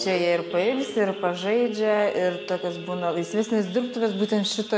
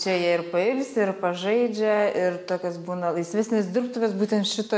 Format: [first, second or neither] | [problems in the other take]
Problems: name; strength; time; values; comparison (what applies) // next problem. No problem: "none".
second | background sound (Idling / Sawing / Accelerating, revving, vroom); 14 dB below the speech